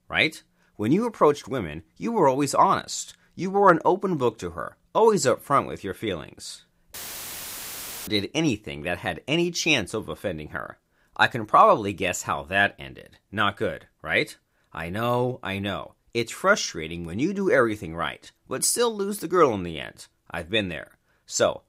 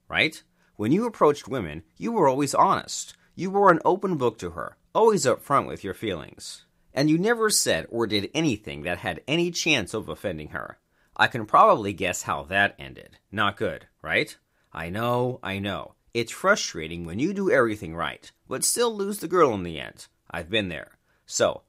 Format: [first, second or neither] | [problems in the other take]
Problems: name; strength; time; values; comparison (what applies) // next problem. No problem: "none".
second | audio cutting out; filled with static; at 7 s for 1 s